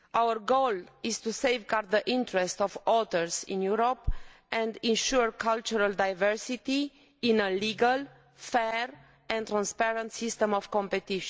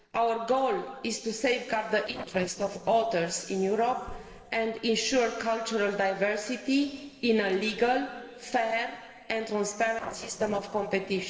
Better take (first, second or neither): first